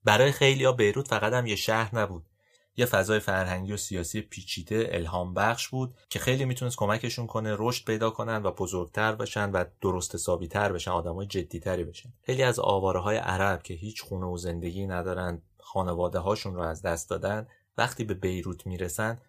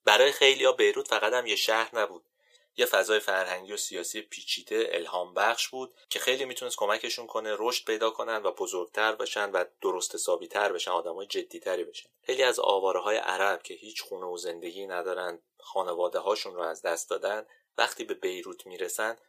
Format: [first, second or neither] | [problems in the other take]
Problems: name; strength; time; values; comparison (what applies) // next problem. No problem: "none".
first | thin; very; fading below 400 Hz